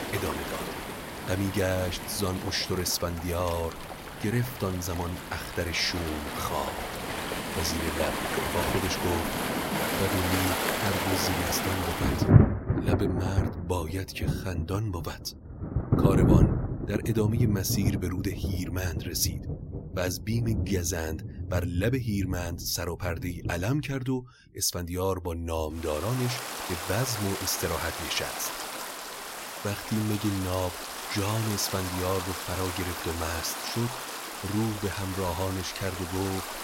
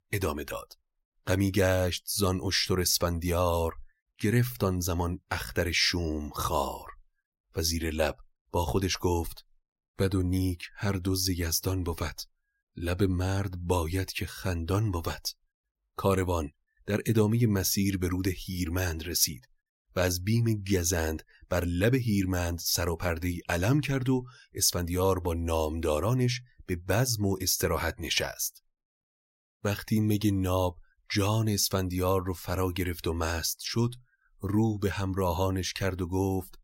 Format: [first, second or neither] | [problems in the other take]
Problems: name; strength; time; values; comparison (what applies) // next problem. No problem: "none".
second | rain or running water; loud; throughout; as loud as the speech